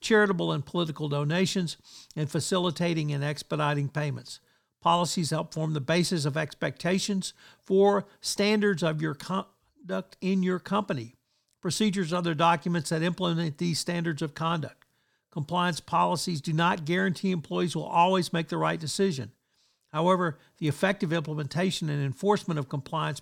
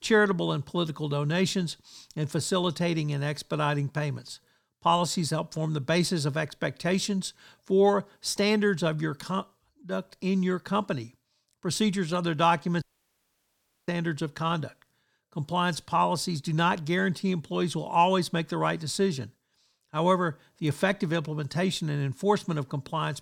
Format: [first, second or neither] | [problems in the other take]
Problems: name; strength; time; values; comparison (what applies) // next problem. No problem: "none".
first | audio cutting out; at 13 s for 1 s